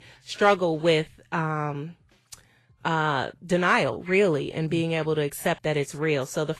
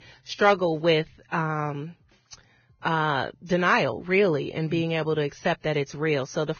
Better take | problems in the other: first | garbled, watery; badly; nothing above 6.5 kHz; slightly in the first

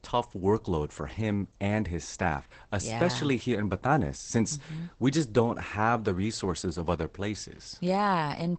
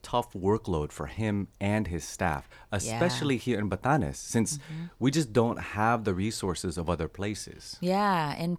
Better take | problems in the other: second | garbled, watery; badly; nothing above 8 kHz

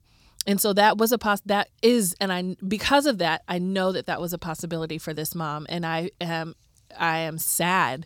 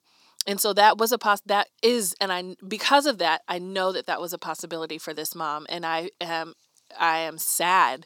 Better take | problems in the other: first | thin; somewhat; fading below 250 Hz

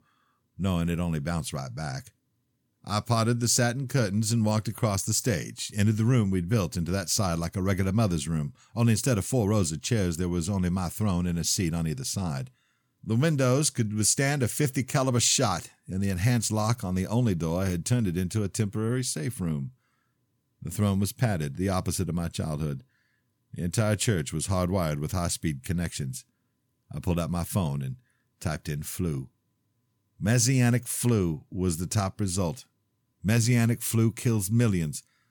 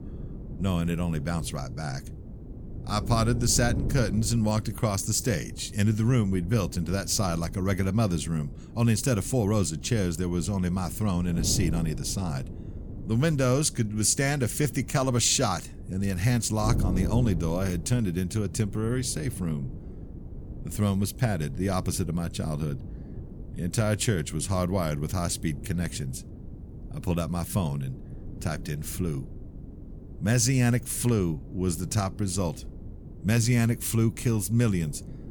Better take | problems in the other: first | wind noise on the microphone; occasional gusts; 15 dB below the speech

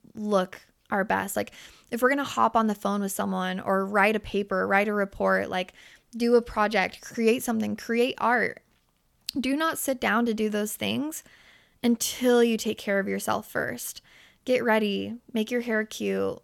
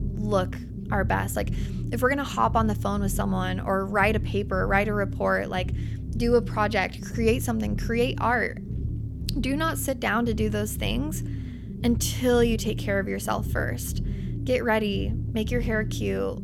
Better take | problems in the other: first | low rumble; noticeable; throughout; 15 dB below the speech

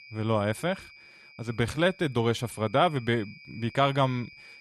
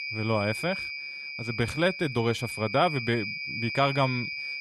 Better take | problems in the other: first | high-pitched whine; loud; throughout; 2.5 kHz, 5 dB below the speech; faint in the first

